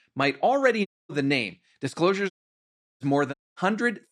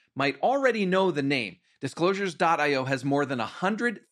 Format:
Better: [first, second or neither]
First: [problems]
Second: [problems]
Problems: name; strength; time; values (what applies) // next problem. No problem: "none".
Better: second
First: audio cutting out; at 1 s, at 2.5 s for 0.5 s and at 3.5 s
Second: none